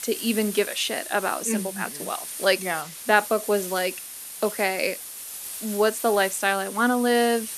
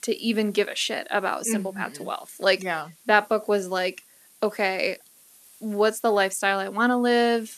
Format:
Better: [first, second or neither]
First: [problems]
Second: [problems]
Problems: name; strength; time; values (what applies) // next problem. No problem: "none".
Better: second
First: hiss; loud; throughout; 9 dB below the speech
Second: hiss; faint; throughout; 25 dB below the speech